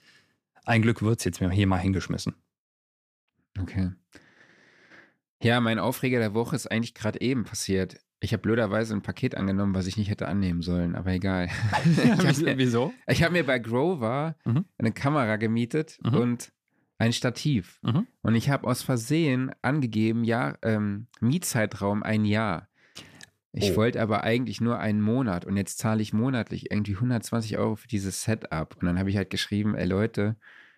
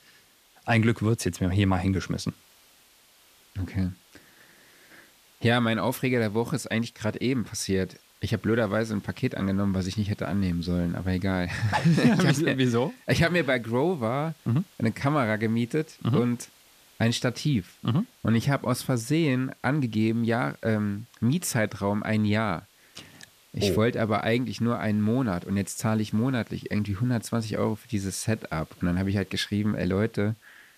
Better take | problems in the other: first | hiss; faint; throughout; 30 dB below the speech

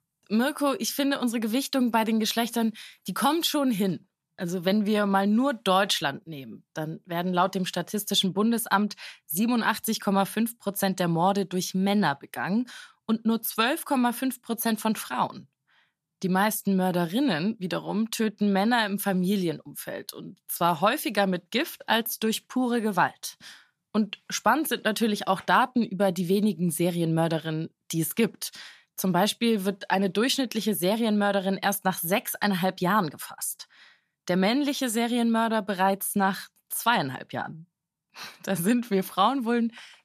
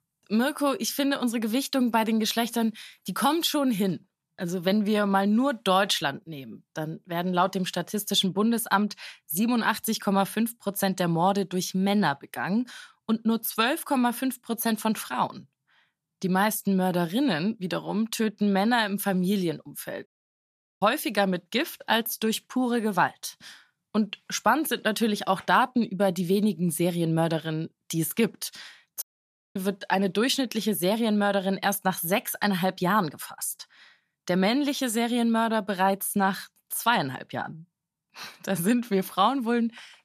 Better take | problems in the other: first | audio cutting out; at 20 s for 1 s and at 29 s for 0.5 s

